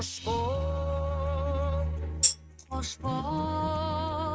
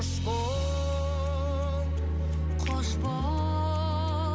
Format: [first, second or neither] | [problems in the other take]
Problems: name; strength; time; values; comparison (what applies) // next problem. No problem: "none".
second | noise reduction (neural mask model RNNoise)